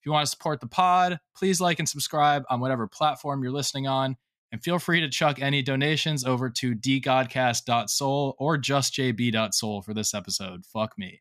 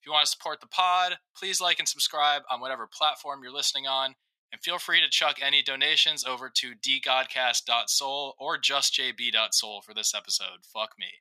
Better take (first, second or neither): first